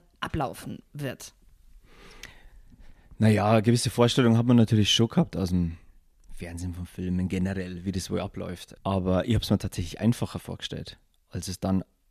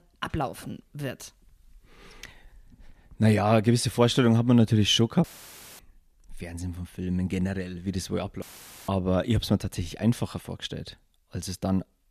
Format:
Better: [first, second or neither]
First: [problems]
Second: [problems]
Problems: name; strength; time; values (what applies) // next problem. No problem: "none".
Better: first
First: none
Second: audio cutting out; filled with static; at 5 s for 0.5 s and at 8.5 s